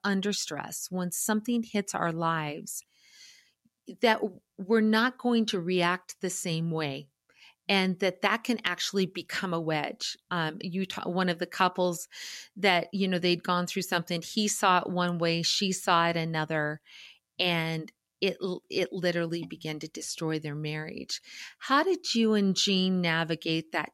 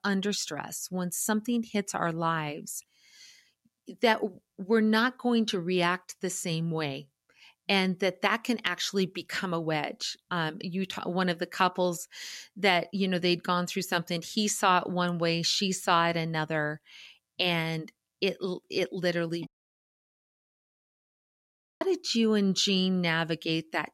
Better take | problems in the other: first | audio cutting out; at 19 s for 2.5 s

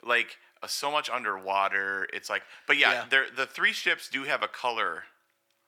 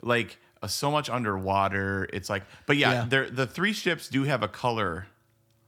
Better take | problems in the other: second | thin; very; fading below 500 Hz

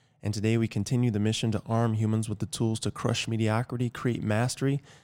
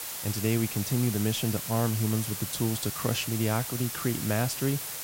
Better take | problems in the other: first | hiss; loud; throughout; 4 dB below the speech

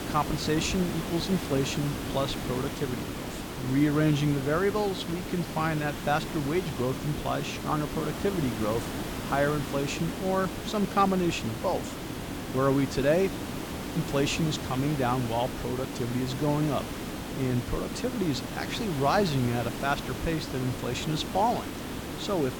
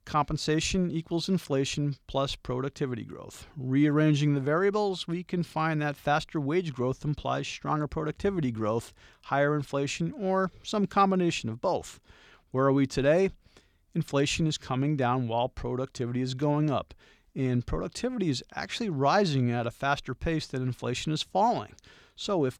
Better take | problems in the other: second | hiss; loud; throughout; 6 dB below the speech

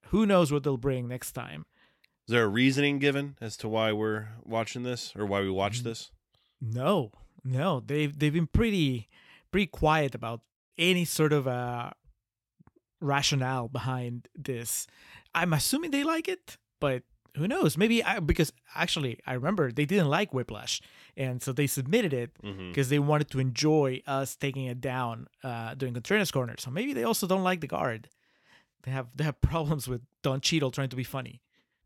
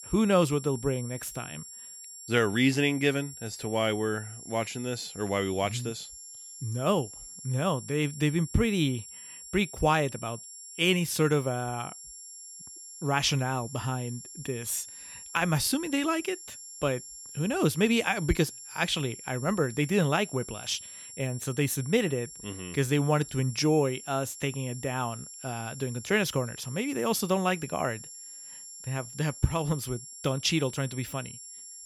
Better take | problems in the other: first | high-pitched whine; noticeable; throughout; 7.5 kHz, 15 dB below the speech

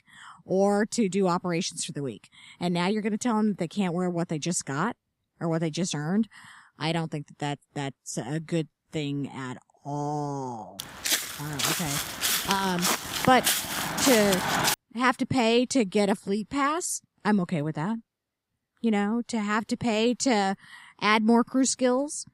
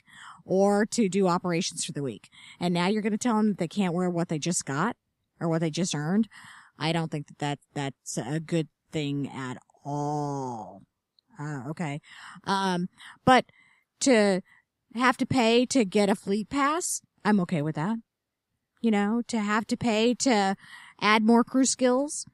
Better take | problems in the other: second | footsteps; loud; from 11 to 15 s; peak 3 dB above the speech

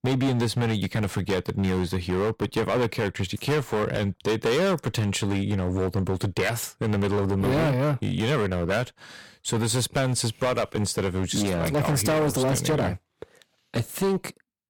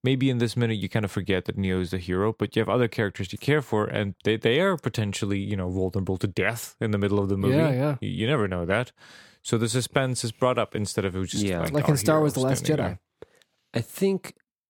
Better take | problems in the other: second | distortion; heavy; 16% of the sound clipped

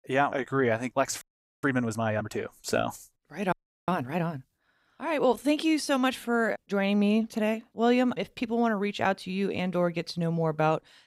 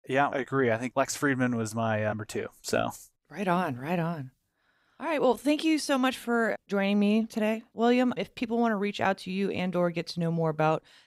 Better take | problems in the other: second | audio freezing; at 1 s and at 3.5 s

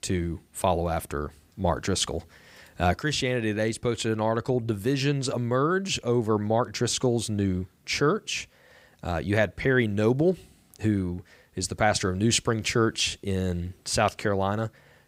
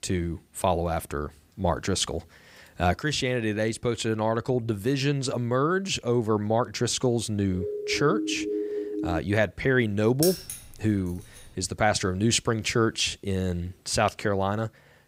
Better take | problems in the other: first | siren; noticeable; from 7.5 to 9 s; peak 3 dB below the speech // jangling keys; noticeable; at 10 s; peak 3 dB below the speech

